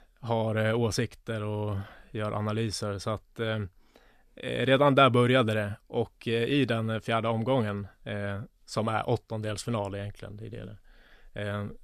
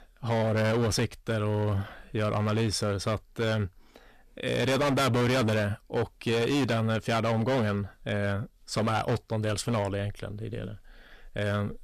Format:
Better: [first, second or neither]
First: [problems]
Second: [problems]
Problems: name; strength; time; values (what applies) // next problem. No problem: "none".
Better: first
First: none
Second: distortion; heavy; 16% of the sound clipped